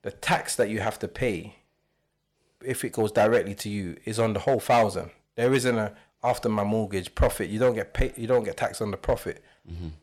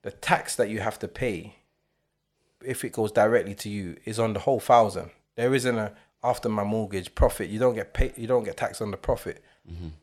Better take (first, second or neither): second